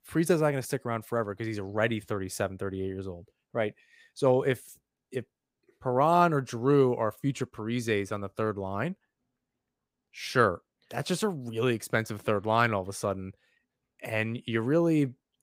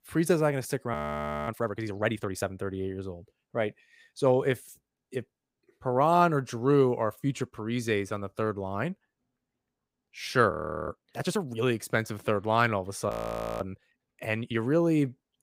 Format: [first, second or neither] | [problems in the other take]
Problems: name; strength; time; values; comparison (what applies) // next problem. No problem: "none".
first | audio freezing; at 1 s for 0.5 s, at 11 s and at 13 s for 0.5 s